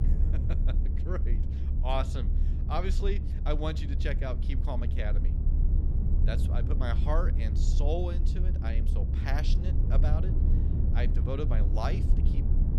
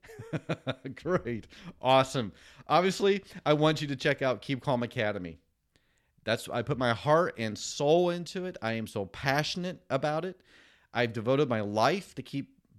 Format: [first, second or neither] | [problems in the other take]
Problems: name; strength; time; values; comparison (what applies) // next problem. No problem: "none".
second | low rumble; loud; throughout; 7 dB below the speech